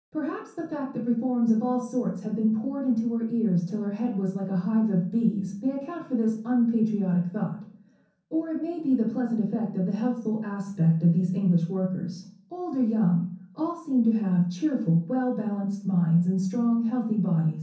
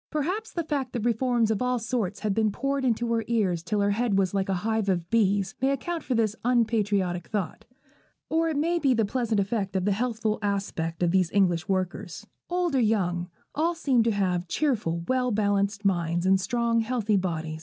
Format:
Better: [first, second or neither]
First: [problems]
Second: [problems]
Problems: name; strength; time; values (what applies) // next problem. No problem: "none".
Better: second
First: room echo; dies away in 0.6 s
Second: none